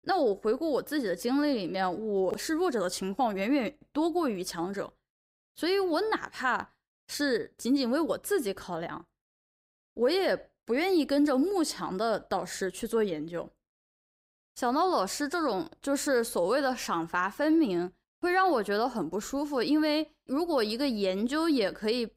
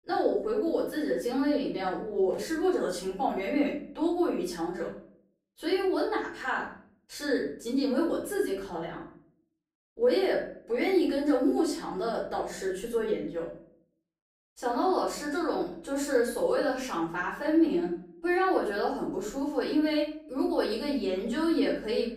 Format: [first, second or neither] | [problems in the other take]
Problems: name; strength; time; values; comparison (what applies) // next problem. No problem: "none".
first | off-mic speech; far // room echo; noticeable; dies away in 0.5 s